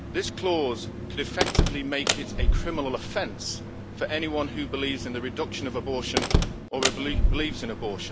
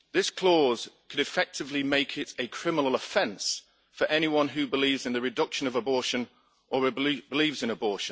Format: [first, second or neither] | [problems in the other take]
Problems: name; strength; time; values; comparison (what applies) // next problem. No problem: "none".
second | background sound (Slam); 3 dB above the speech